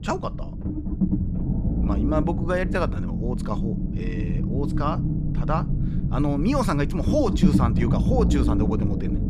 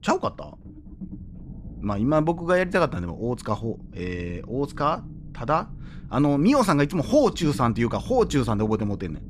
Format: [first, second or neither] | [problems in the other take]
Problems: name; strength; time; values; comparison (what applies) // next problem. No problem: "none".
second | low rumble; loud; throughout; 5 dB below the speech; faint in the second